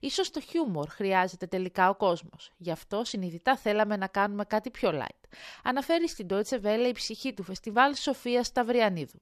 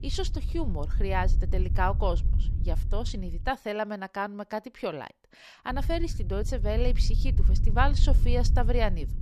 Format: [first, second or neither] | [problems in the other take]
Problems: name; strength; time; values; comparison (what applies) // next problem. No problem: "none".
first | low rumble; noticeable; until 3.5 s and from 5.5 s on; 15 dB below the speech